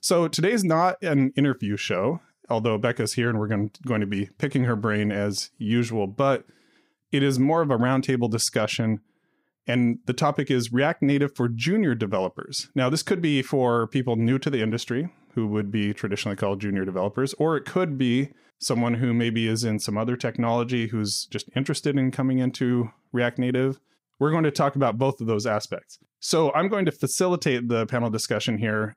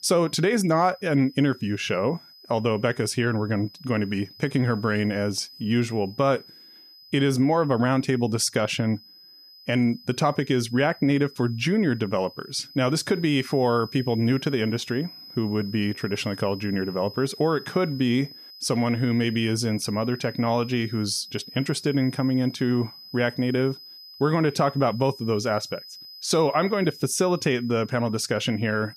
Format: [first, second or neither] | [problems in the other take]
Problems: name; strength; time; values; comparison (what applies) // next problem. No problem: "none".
first | high-pitched whine; noticeable; throughout; 5 kHz, 20 dB below the speech